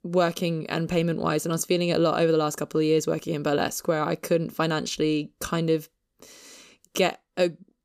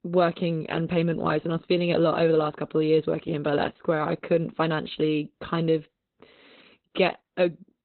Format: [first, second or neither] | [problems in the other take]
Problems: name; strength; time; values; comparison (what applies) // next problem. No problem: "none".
first | garbled, watery; badly; nothing above 4 kHz